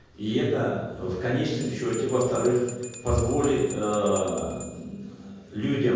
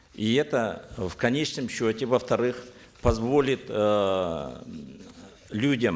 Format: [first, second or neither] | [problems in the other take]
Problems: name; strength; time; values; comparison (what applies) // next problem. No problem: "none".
second | background sound (Bell); 17 dB below the speech // room echo; dies away in 1.3 s